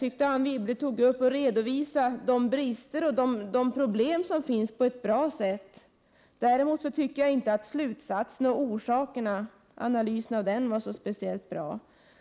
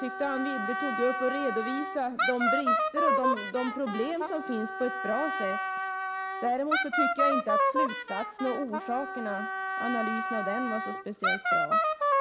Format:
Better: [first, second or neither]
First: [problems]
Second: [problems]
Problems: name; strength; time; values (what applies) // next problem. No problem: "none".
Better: first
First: none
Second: background sound (Wind instrument, woodwind instrument); 3 dB above the speech